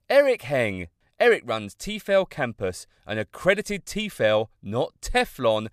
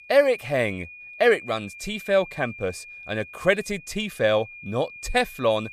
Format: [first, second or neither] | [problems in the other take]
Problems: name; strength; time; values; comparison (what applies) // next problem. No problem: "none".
first | high-pitched whine; noticeable; throughout; 2.5 kHz, 15 dB below the speech